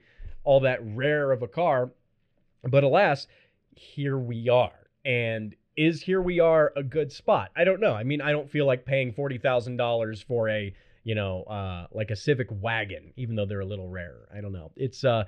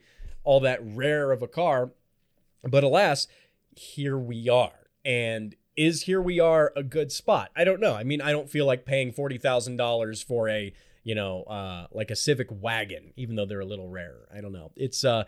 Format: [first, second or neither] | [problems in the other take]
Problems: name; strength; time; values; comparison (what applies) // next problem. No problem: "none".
second | muffled; slightly; fading above 2.5 kHz